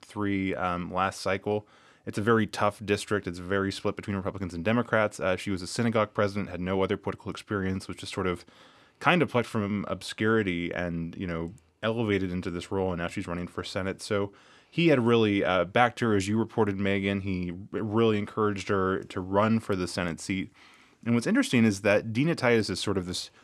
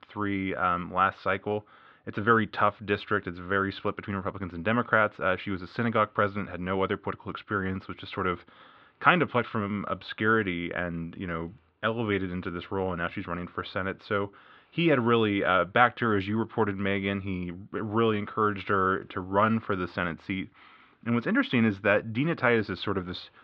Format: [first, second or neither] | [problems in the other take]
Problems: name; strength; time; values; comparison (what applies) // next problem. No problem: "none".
first | muffled; very; fading above 3.5 kHz